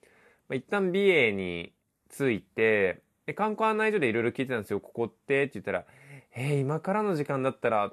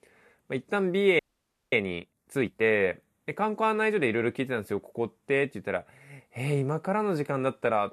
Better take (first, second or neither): first